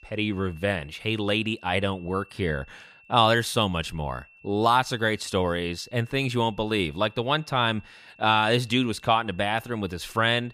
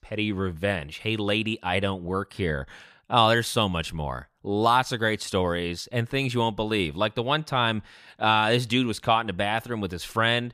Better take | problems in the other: second | high-pitched whine; faint; throughout; 2.5 kHz, 25 dB below the speech

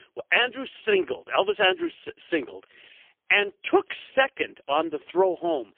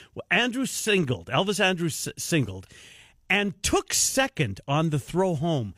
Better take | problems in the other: second | phone-call audio; poor line; nothing above 3 kHz

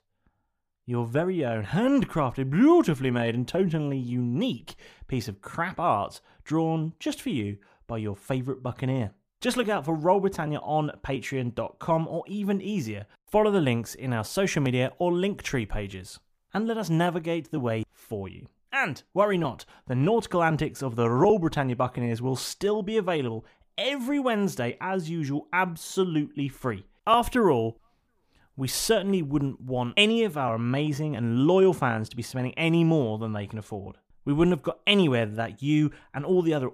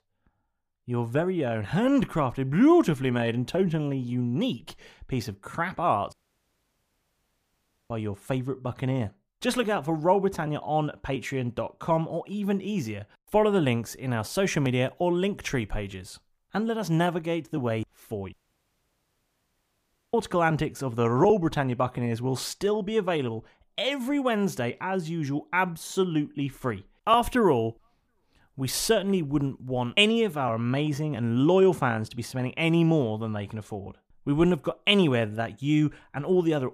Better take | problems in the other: first | audio cutting out; at 6 s for 2 s and at 18 s for 2 s

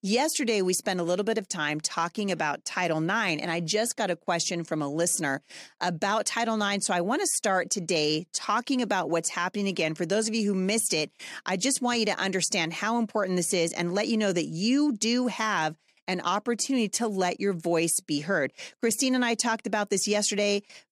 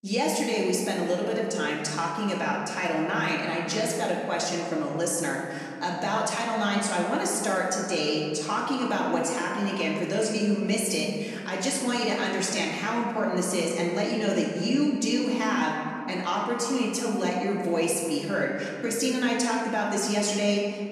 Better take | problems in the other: first | off-mic speech; far // room echo; noticeable; dies away in 2.1 s

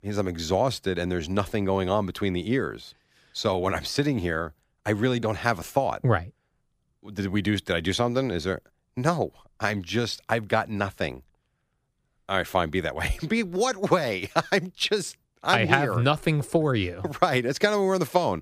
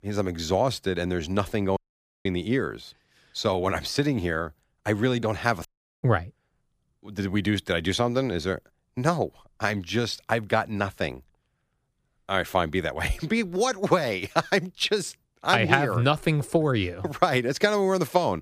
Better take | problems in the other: first | audio cutting out; at 2 s and at 5.5 s

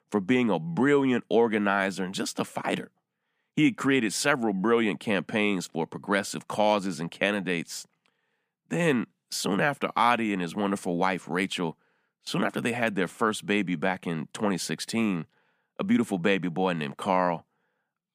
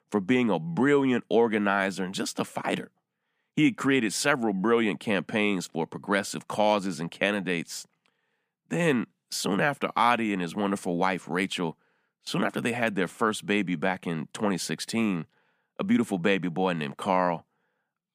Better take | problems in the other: neither | none

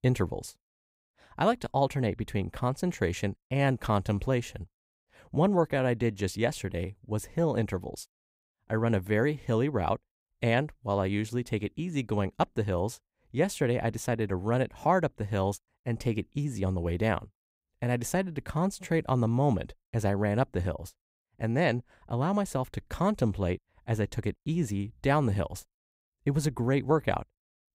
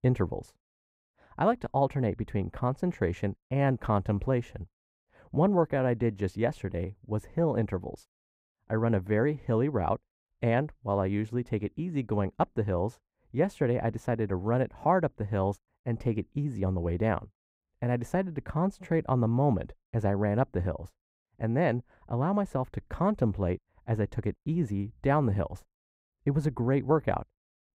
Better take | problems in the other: first | muffled; slightly; fading above 2.5 kHz

